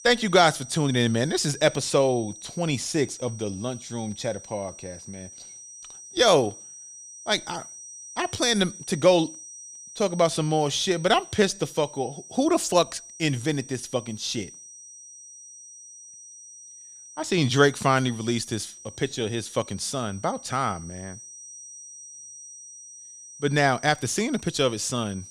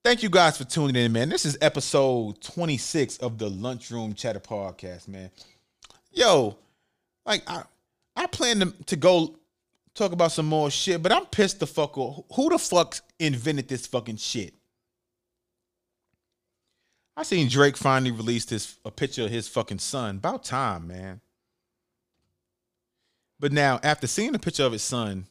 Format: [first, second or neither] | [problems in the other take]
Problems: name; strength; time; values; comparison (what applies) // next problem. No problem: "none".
second | high-pitched whine; noticeable; throughout; 6 kHz, 15 dB below the speech